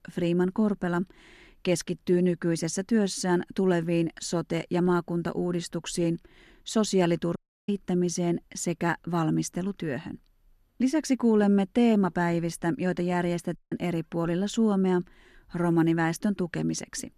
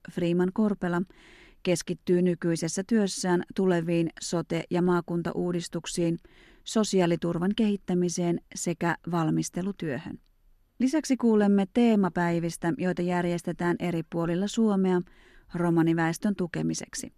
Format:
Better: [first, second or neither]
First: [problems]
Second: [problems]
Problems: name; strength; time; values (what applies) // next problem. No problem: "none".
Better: second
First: audio cutting out; at 7.5 s and at 14 s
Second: none